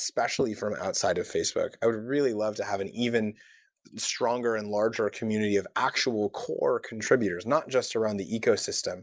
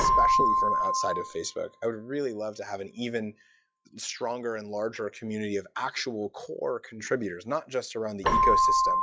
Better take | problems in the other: first | noise reduction (classical method log-MMSE)

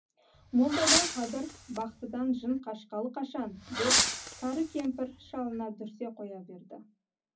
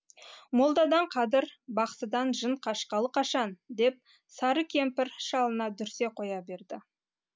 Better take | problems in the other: second | background sound (Fireworks); 1 dB above the speech // room echo; dies away in 0.4 s

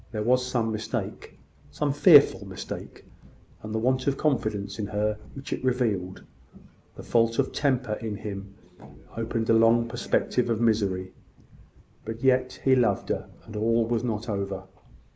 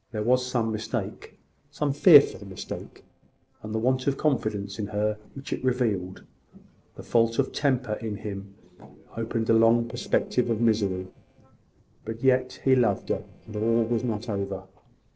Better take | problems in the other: first | noise reduction (neural separator model SepFormer DNS4)

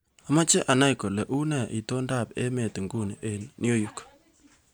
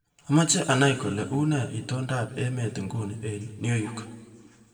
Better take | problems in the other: first | room echo; dies away in 1.4 s

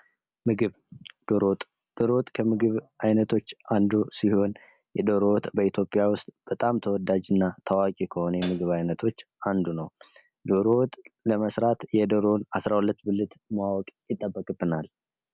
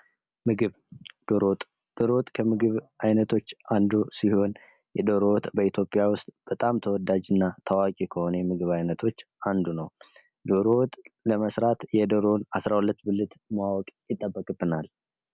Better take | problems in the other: second | background sound (Hi-hat); 14 dB below the speech

